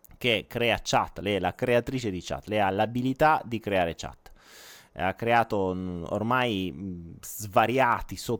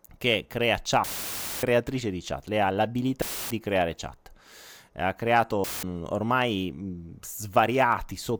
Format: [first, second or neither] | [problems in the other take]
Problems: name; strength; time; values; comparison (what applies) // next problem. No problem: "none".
first | audio cutting out; filled with static; at 1 s for 0.5 s, at 3 s and at 5.5 s